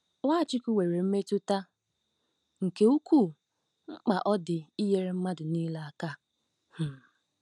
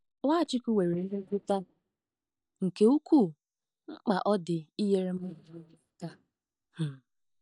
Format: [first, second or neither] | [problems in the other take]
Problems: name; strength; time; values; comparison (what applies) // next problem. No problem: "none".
first | noise reduction (neural mask model DeepFilterNet 3)